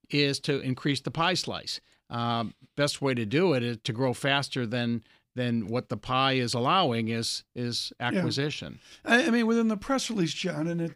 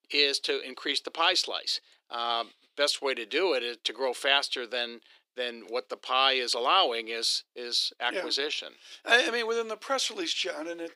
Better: first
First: none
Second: thin; very; fading below 350 Hz

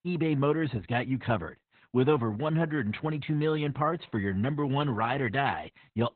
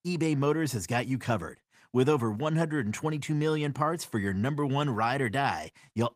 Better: second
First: garbled, watery; badly; nothing above 4 kHz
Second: garbled, watery; slightly; nothing above 15 kHz

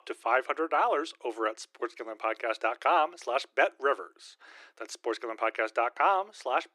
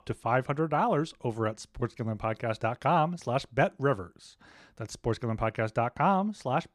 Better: second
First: thin; very; fading below 350 Hz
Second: none

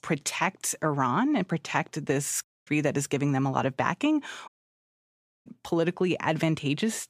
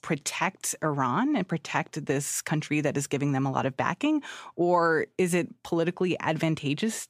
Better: second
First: audio cutting out; at 2.5 s and at 4.5 s for 1 s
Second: none

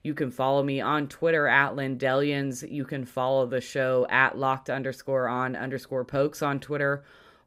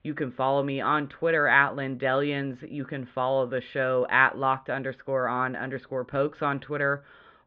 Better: first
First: none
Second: muffled; very; fading above 3.5 kHz

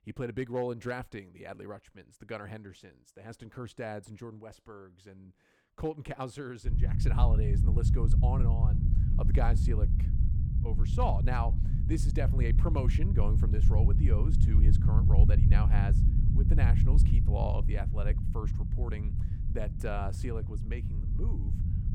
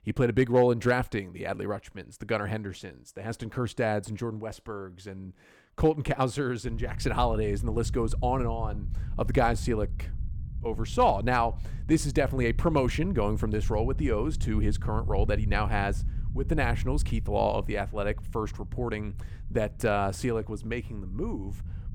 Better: second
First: low rumble; loud; from 6.5 s on; 4 dB below the speech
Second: low rumble; faint; from 6.5 s on; 20 dB below the speech

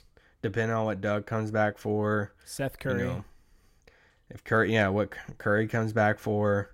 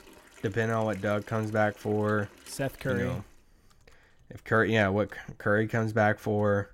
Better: first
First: none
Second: household noises; faint; throughout; 25 dB below the speech

